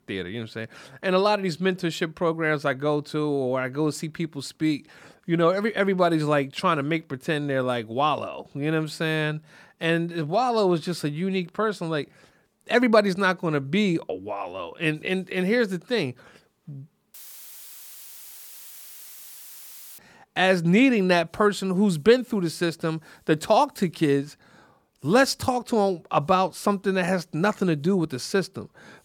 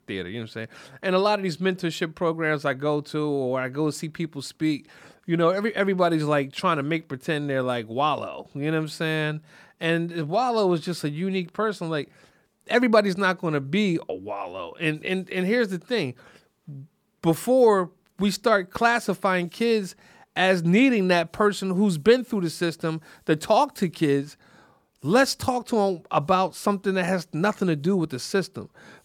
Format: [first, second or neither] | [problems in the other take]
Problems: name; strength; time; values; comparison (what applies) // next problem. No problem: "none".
second | audio cutting out; filled with static; at 17 s for 3 s